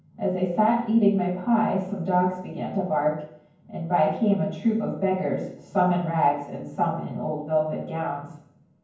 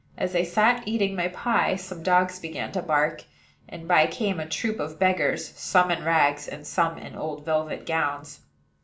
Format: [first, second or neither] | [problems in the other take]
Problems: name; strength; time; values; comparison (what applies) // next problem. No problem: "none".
second | room echo; dies away in 0.9 s